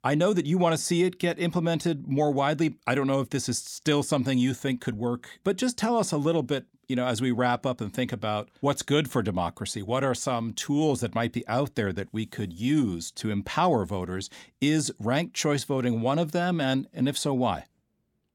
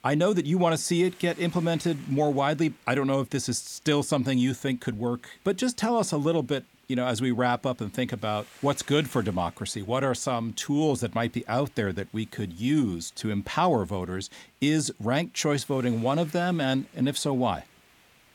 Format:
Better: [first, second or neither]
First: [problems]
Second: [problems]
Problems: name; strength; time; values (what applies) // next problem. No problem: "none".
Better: first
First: none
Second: hiss; faint; throughout; 25 dB below the speech